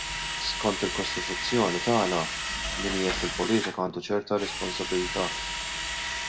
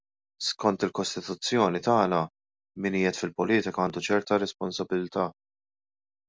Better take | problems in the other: second | background sound (Drill); 3 dB below the speech // room echo; dies away in 0.5 s

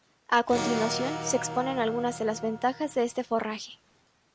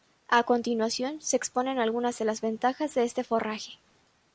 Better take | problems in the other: second | background sound (Electric guitar / Acoustic guitar); 8 dB below the speech

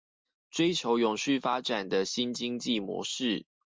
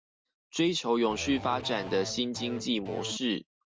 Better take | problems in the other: first | background sound (Electric guitar / Bass guitar); 11 dB below the speech

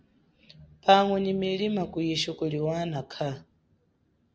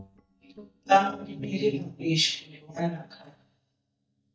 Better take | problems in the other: first | noise reduction (neural mask model DeepFilterNet 3)

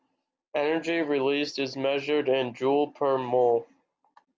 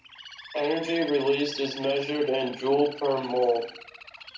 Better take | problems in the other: first | background sound (Bird); 15 dB below the speech // room echo; dies away in 0.4 s

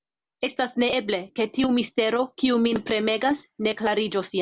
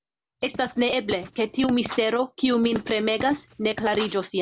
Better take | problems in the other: first | background sound (Writing); 15 dB below the speech

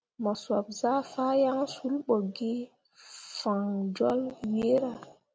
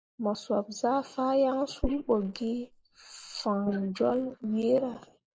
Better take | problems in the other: first | noise reduction (neural mask model Resemble Enhance denoiser)

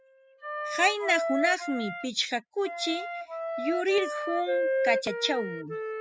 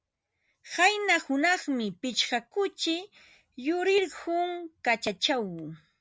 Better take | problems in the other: second | noise reduction (classical method spectral subtraction)

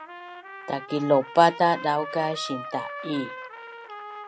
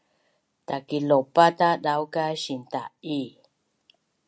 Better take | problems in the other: second | background sound (Trumpet); 12 dB below the speech

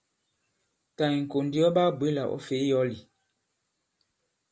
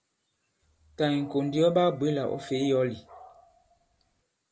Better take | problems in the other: first | background sound (Dog); 18 dB below the speech

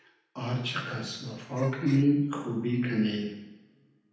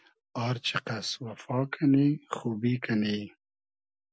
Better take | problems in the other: second | background sound (Gasp); 17 dB below the speech // room echo; dies away in 0.9 s

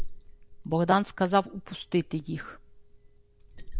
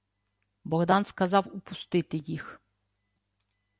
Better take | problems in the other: second | background sound (Liquid); 8 dB below the speech

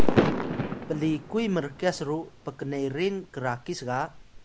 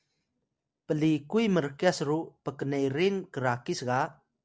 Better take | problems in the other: second | background sound (Fireworks); 2 dB above the speech

